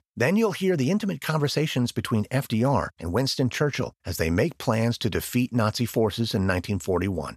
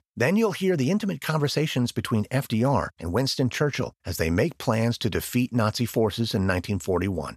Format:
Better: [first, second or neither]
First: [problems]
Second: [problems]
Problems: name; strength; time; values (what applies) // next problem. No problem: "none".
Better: neither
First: none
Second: none